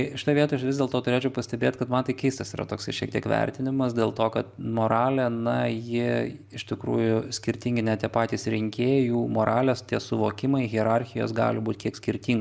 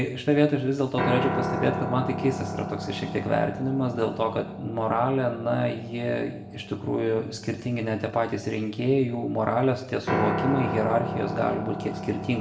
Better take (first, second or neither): first